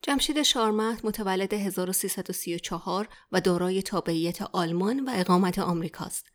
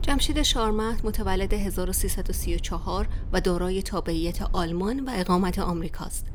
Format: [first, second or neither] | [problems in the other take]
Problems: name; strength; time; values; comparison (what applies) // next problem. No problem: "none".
first | low rumble; faint; throughout; 20 dB below the speech